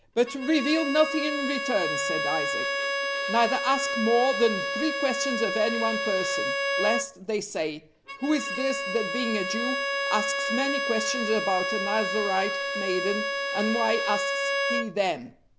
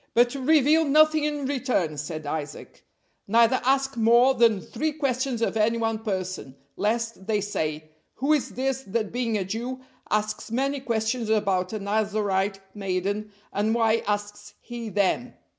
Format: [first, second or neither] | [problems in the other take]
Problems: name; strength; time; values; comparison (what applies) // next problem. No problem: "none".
second | background sound (Bowed string instrument); 1 dB below the speech